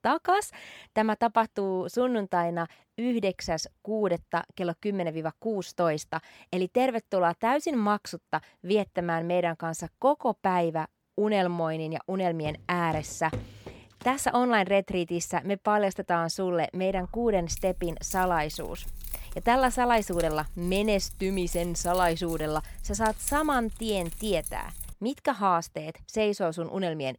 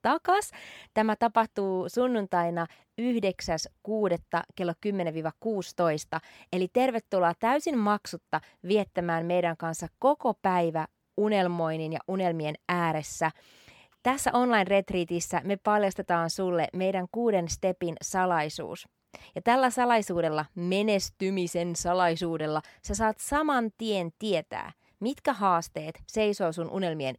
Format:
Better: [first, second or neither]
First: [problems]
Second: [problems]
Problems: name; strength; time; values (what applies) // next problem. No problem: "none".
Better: second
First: footsteps; faint; from 12 to 14 s; peak 10 dB below the speech // jangling keys; noticeable; from 17 to 25 s; peak 7 dB below the speech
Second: none